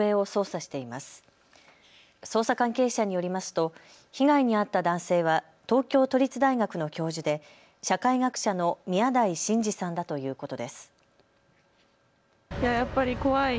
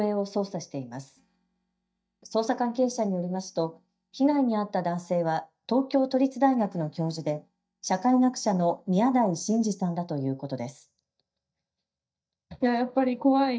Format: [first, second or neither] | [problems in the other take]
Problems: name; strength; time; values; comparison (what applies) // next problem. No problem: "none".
first | noise reduction (neural mask model DeepFilterNet 3)